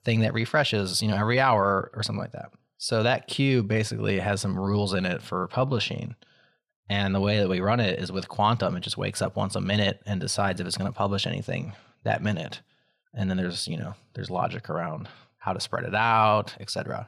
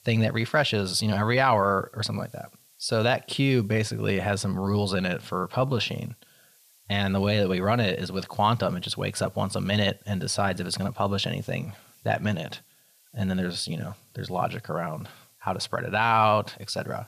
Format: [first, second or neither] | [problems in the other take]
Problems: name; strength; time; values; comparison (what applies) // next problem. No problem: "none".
first | hiss; faint; throughout; 30 dB below the speech